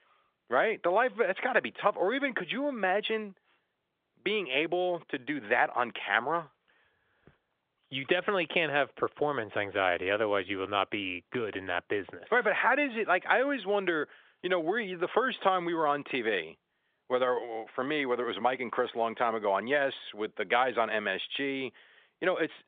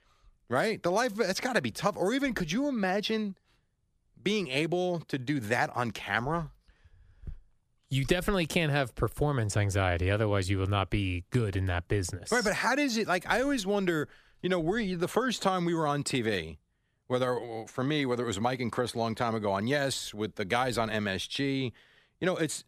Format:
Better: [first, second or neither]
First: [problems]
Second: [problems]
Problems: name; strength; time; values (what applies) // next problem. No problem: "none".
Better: second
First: phone-call audio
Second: none